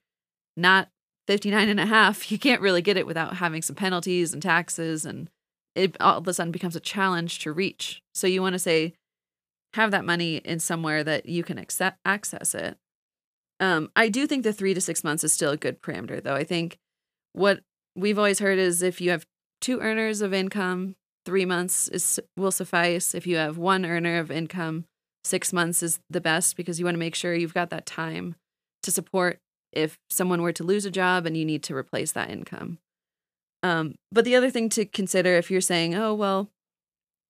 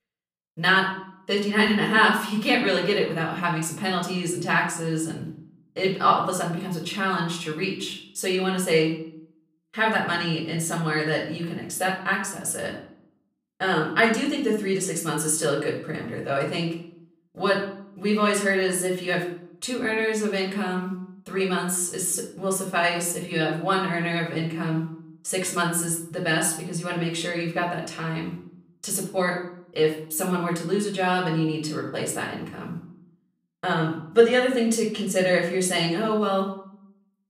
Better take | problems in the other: first | off-mic speech; far // room echo; slight; dies away in 0.5 s

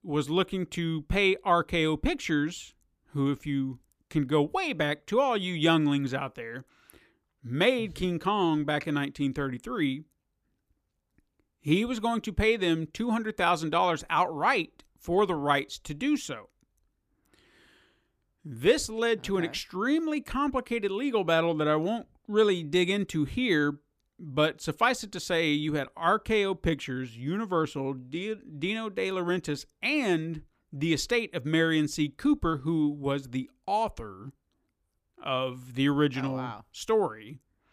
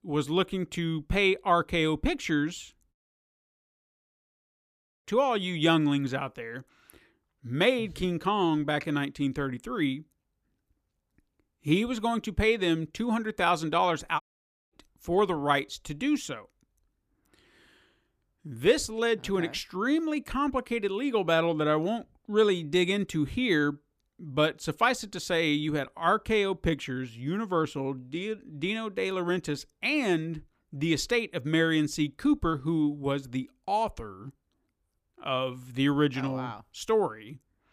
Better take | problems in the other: first | audio cutting out; at 3 s for 2 s and at 14 s for 0.5 s

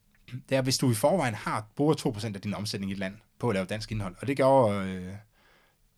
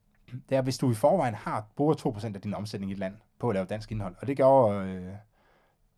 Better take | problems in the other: first | muffled; slightly; fading above 1.5 kHz

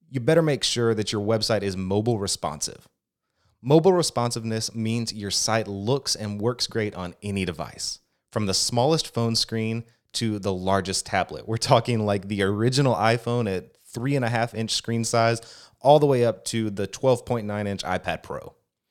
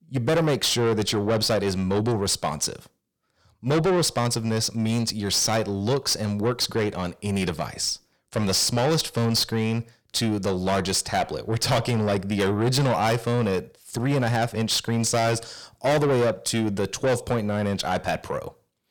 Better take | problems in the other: first | distortion; heavy; 6 dB below the speech

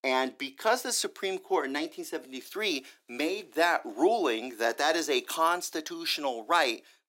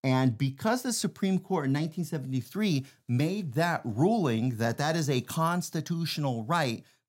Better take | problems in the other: second | thin; very; fading below 350 Hz

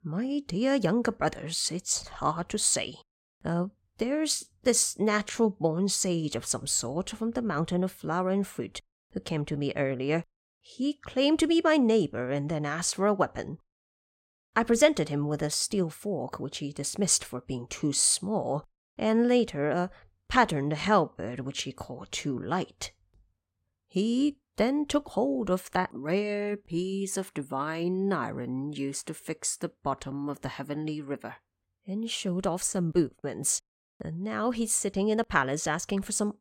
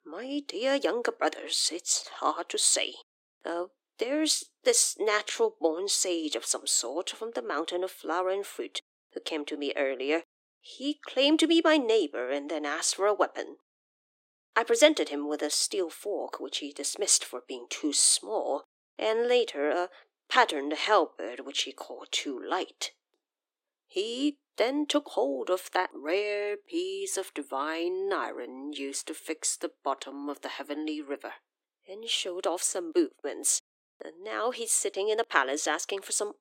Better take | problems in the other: first | thin; somewhat; fading below 300 Hz

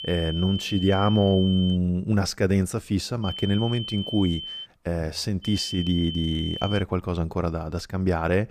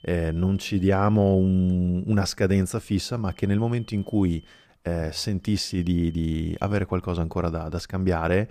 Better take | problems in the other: second | high-pitched whine; loud; until 2 s, from 3 to 4.5 s and from 5.5 to 7 s; 3 kHz, 8 dB below the speech; faint in the second

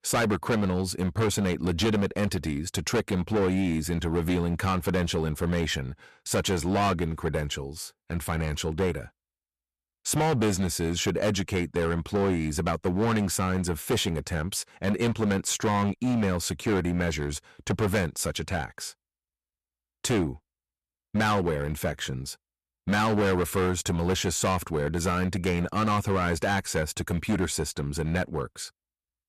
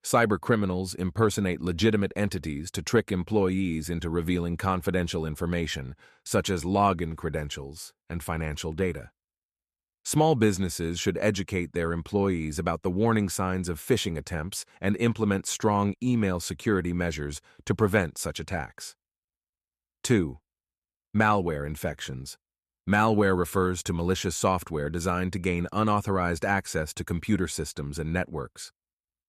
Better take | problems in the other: second | distortion; heavy; 12% of the sound clipped

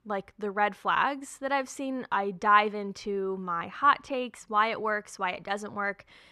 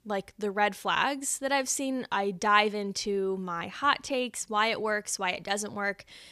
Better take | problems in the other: second | muffled; slightly; fading above 3.5 kHz

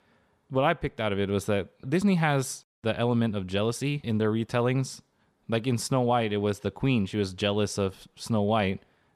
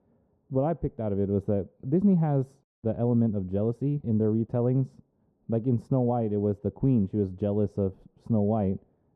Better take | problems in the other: first | muffled; very; fading above 1 kHz

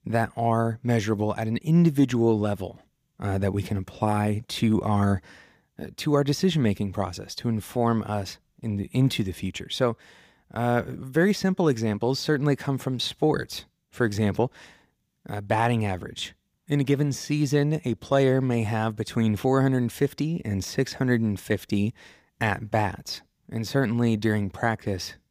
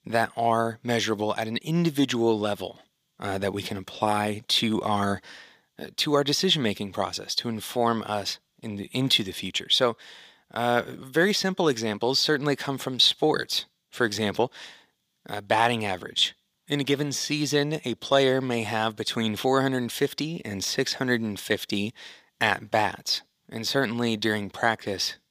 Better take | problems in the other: first | thin; very slightly; fading below 500 Hz

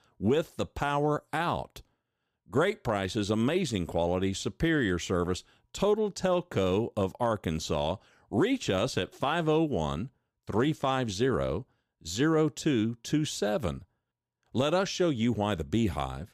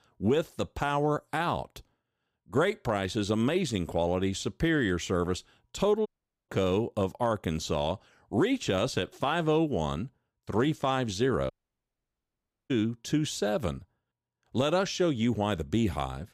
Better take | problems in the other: first | audio cutting out; at 6 s and at 12 s for 1 s

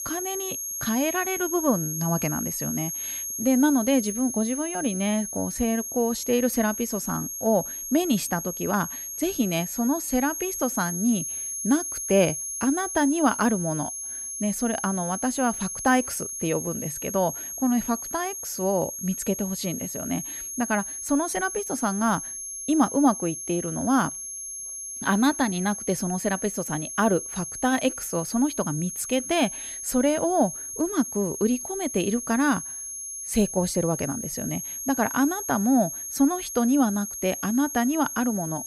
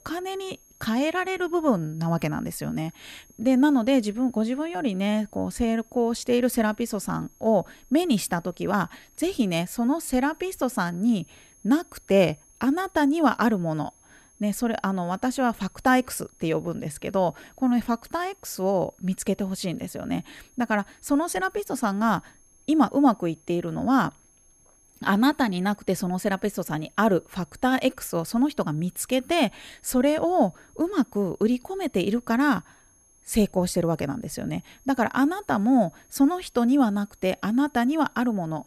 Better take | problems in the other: second | high-pitched whine; loud; throughout; 6.5 kHz, 5 dB below the speech; faint in the second

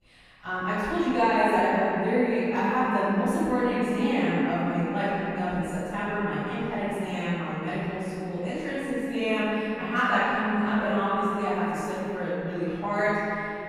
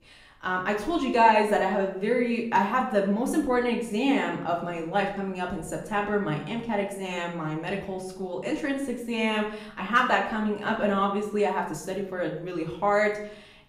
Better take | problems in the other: second | room echo; strong; dies away in 3 s; slight in the second // off-mic speech; far; far in the second

